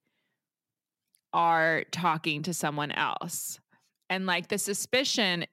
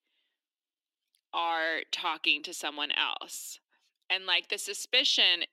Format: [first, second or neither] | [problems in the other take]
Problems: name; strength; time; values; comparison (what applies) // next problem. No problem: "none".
first | thin; somewhat; fading below 300 Hz